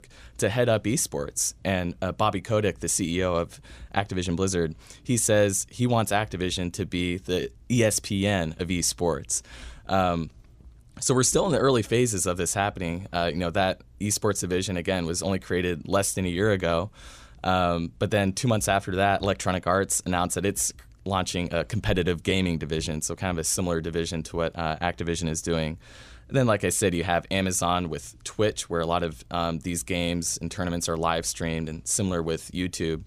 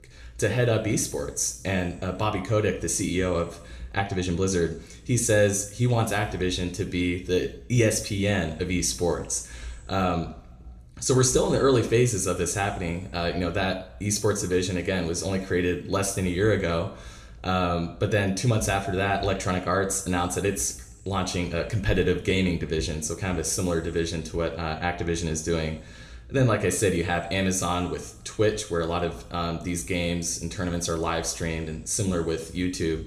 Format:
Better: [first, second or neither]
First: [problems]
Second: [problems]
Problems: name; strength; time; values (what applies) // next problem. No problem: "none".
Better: first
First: none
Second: room echo; slight; dies away in 0.6 s